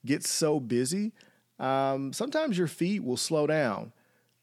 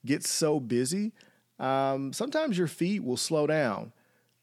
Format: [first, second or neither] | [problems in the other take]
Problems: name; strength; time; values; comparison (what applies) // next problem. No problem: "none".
neither | none